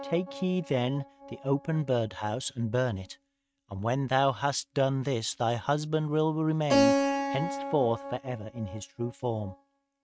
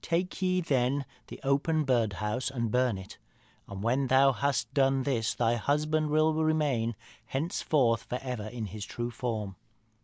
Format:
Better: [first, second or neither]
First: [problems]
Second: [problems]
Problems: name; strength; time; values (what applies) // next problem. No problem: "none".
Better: second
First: noise reduction (neural mask model RNNoise)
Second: none